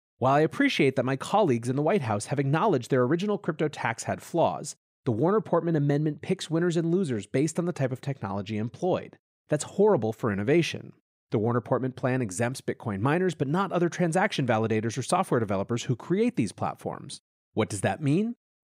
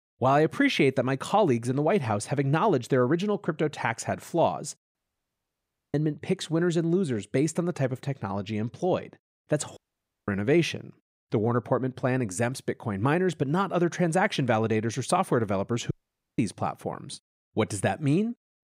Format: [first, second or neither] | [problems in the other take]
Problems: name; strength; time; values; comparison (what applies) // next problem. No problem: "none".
first | audio cutting out; at 5 s for 1 s, at 10 s for 0.5 s and at 16 s